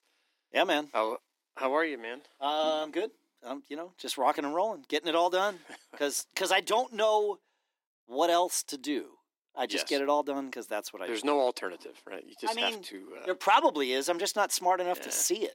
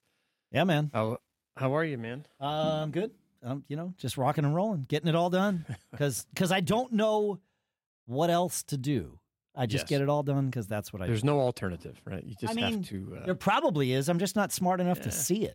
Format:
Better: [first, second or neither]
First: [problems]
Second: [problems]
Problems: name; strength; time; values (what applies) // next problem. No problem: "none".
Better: second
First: thin; somewhat; fading below 300 Hz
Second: none